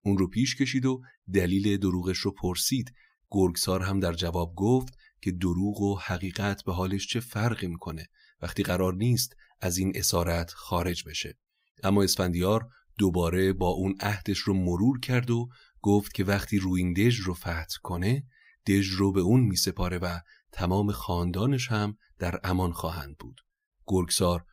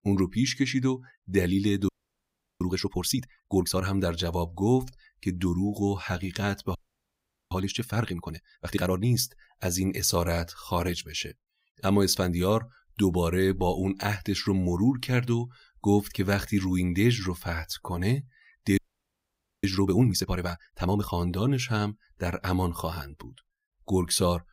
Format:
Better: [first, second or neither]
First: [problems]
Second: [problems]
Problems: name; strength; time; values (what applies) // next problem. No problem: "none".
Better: first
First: none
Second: audio freezing; at 2 s for 0.5 s, at 7 s for 1 s and at 19 s for 1 s